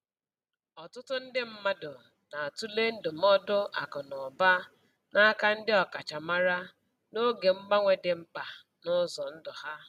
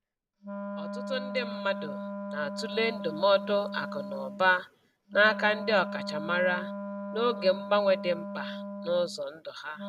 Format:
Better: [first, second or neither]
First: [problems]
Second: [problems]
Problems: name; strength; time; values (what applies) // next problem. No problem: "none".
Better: first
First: none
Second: background sound (Wind instrument, woodwind instrument); 8 dB below the speech